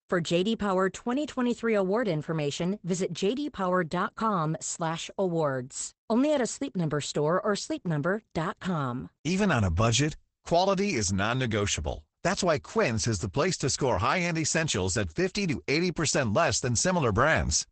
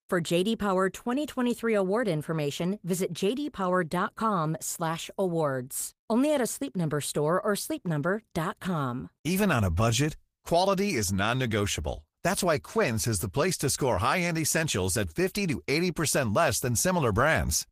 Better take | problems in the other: second | garbled, watery; badly; nothing above 8 kHz; slightly in the second

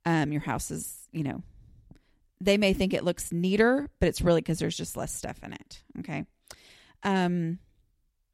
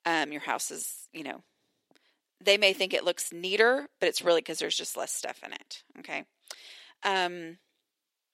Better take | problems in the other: first | thin; very; fading below 400 Hz

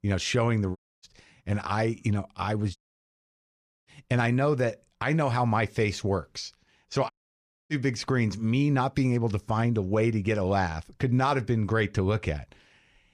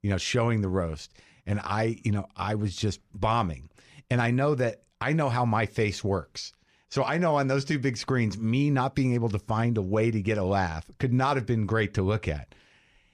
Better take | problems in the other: second | audio cutting out; at 1 s, at 3 s for 1 s and at 7 s for 0.5 s

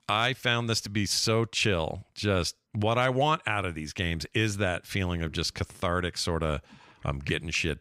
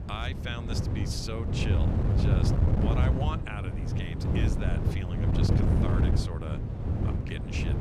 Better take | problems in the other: first | wind noise on the microphone; heavy; 1 dB above the speech

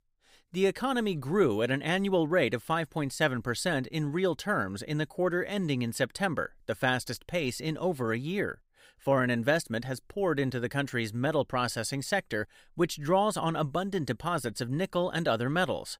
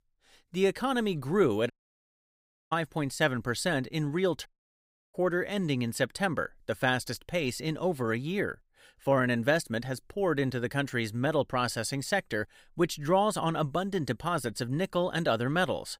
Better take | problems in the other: first | audio cutting out; at 1.5 s for 1 s and at 4.5 s for 0.5 s

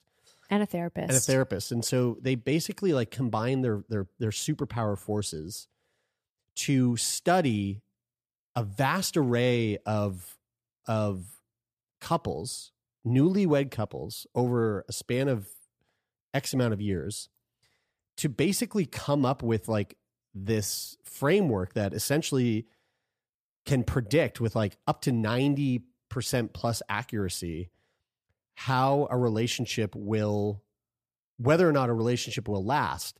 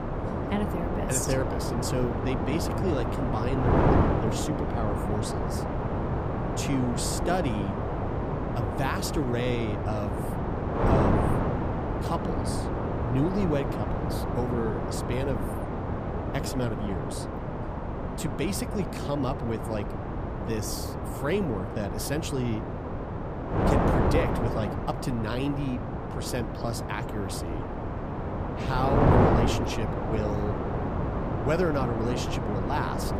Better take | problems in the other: first | wind noise on the microphone; heavy; 2 dB above the speech

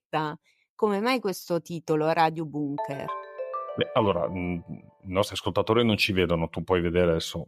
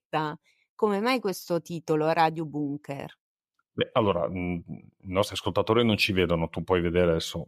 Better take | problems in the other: second | phone ringing; noticeable; from 3 to 4.5 s; peak 8 dB below the speech

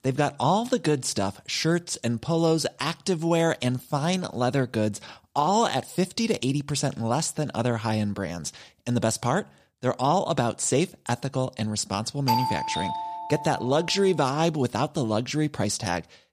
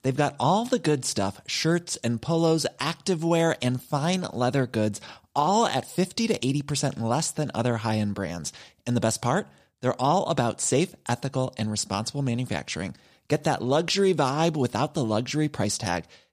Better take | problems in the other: second | doorbell; loud; from 12 to 14 s; peak 1 dB above the speech

